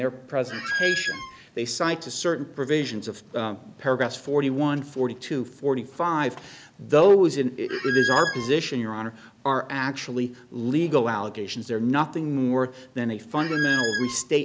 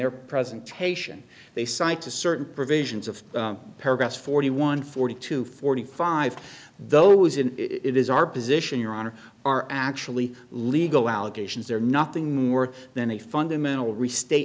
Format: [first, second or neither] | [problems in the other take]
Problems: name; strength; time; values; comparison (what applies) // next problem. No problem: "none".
second | background sound (Squeak); 3 dB below the speech